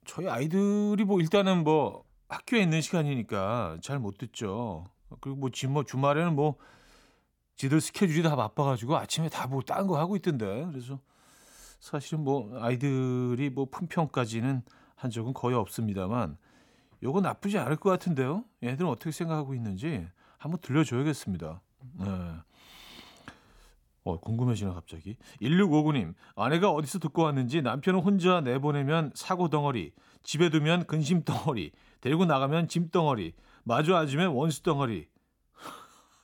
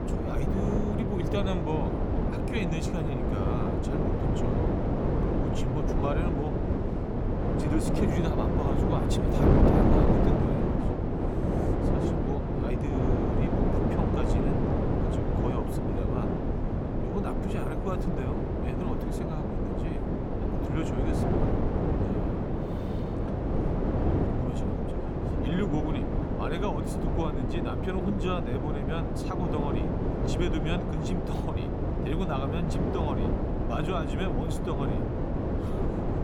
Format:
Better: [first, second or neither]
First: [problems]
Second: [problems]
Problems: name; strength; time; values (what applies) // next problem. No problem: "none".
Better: first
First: none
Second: wind noise on the microphone; heavy; 4 dB above the speech